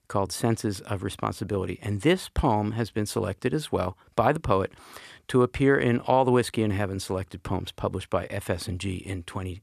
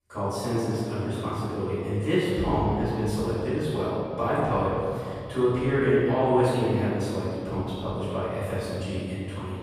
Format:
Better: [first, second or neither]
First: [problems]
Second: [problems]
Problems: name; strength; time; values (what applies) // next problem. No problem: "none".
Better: first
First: none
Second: off-mic speech; far // room echo; strong; dies away in 2.5 s